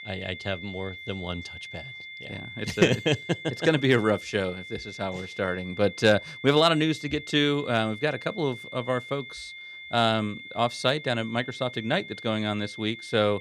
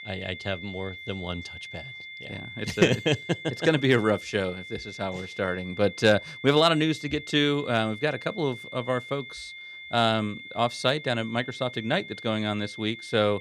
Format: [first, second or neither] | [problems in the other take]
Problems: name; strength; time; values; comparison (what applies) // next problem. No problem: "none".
neither | high-pitched whine; noticeable; throughout; 2 kHz, 15 dB below the speech; the same in both